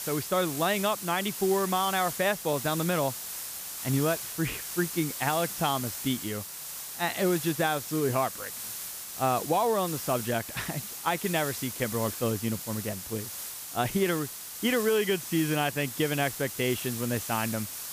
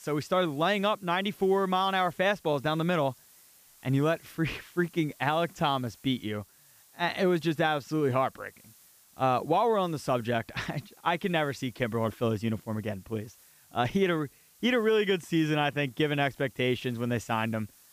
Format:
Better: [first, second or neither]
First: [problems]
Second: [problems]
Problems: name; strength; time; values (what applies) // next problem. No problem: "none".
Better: second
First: hiss; loud; throughout; 6 dB below the speech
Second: hiss; faint; throughout; 25 dB below the speech